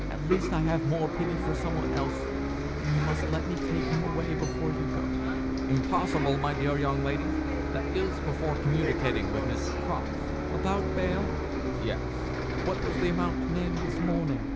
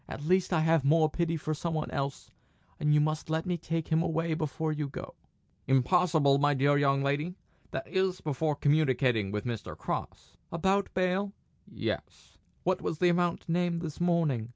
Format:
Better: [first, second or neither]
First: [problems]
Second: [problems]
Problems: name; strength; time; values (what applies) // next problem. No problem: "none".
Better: second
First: background sound (Bus); 2 dB above the speech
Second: none